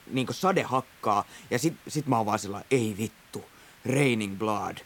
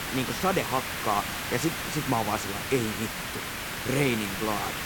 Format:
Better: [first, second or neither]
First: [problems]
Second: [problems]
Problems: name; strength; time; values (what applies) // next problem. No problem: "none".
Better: first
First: hiss; faint; throughout; 25 dB below the speech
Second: hiss; loud; throughout; 2 dB below the speech